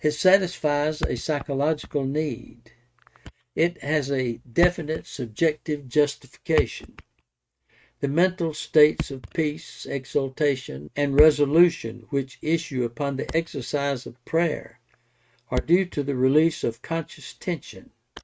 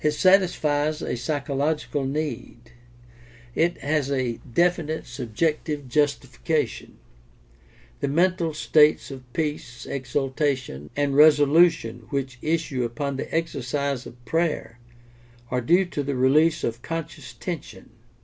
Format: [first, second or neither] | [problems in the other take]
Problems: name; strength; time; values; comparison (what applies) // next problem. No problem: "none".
second | noise reduction (neural mask model RNNoise)